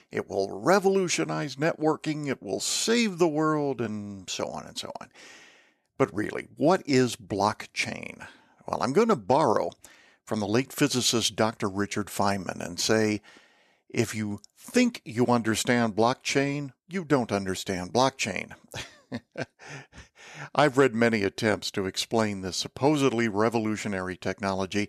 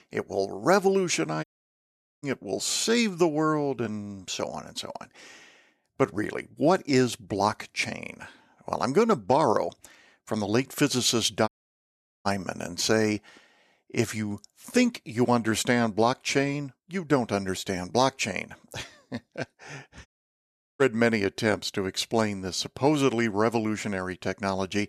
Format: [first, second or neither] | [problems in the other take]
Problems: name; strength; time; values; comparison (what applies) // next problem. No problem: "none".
first | audio cutting out; at 1.5 s for 1 s, at 11 s for 1 s and at 20 s for 0.5 s